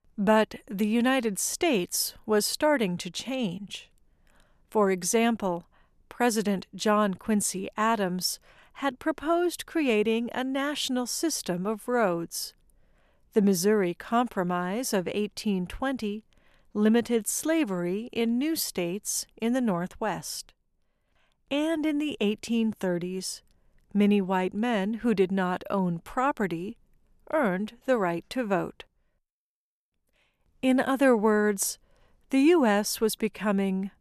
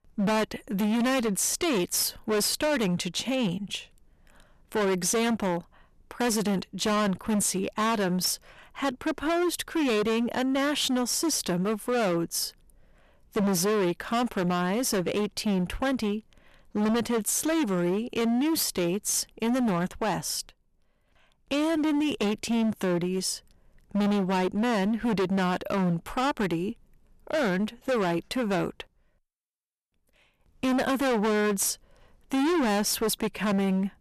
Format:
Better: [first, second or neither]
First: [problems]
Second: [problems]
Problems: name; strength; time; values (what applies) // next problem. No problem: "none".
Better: first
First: none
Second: distortion; heavy; 22% of the sound clipped